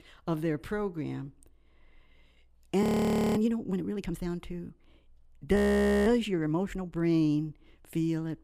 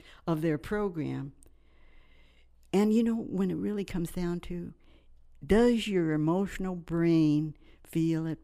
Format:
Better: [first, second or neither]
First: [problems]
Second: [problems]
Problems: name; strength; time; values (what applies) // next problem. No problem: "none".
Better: second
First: audio freezing; at 3 s for 0.5 s and at 5.5 s for 0.5 s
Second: none